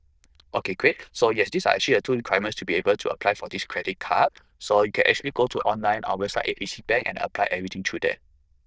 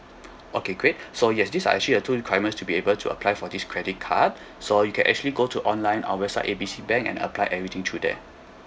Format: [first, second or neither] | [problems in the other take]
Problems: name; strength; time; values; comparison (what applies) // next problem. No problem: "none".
second | noise reduction (neural diffusion model UNIVERSE++)